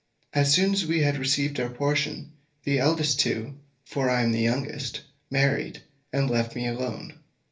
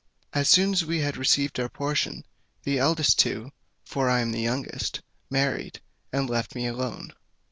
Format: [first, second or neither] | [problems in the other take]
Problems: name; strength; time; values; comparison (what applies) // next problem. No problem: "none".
second | room echo; dies away in 0.3 s